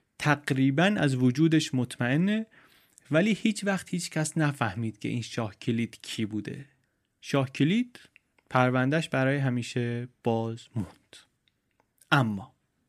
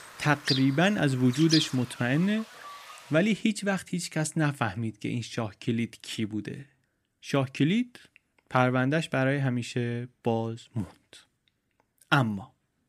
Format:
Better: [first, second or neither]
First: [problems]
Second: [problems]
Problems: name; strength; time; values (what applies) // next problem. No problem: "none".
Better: first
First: none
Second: animal sounds; loud; until 3 s; 5 dB below the speech